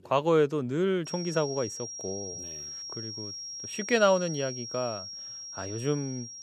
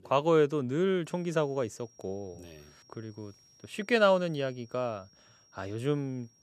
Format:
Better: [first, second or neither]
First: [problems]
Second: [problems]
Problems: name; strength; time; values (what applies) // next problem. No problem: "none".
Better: second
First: high-pitched whine; loud; from 1 s on; 5.5 kHz, 8 dB below the speech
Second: high-pitched whine; faint; from 1 s on; 5.5 kHz, 30 dB below the speech